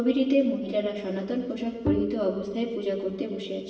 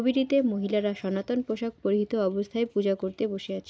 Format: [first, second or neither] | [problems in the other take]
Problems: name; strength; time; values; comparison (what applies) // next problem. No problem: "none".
second | background sound (Bowed string instrument); 6 dB below the speech // room echo; dies away in 1.2 s